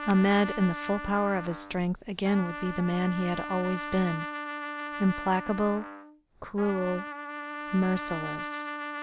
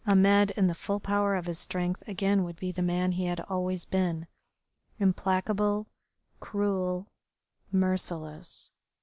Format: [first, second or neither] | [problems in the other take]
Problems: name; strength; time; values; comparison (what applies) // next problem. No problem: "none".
second | background sound (Trumpet); 8 dB below the speech